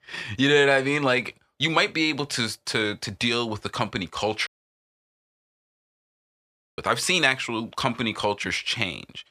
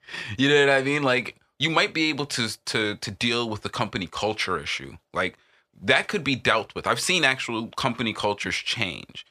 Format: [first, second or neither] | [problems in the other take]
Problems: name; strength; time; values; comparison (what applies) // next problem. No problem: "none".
second | audio cutting out; at 4.5 s for 2.5 s